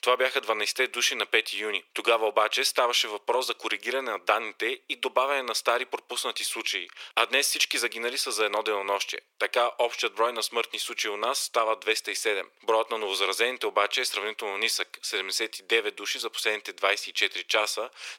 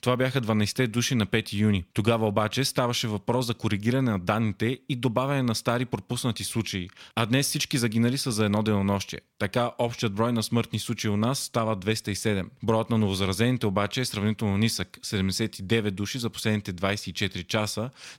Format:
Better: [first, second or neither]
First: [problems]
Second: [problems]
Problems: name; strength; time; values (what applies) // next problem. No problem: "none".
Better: second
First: thin; very; fading below 400 Hz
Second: none